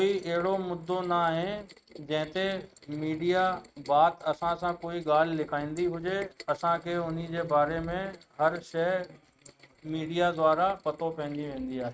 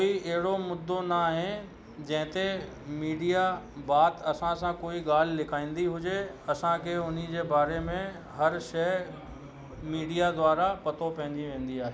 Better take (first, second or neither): second